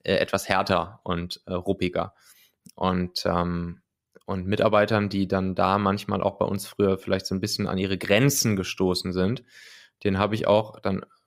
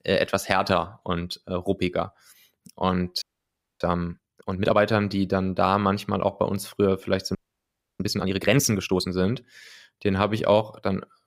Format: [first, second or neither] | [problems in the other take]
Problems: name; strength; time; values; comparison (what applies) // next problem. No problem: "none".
first | audio freezing; at 3 s for 0.5 s and at 7.5 s for 0.5 s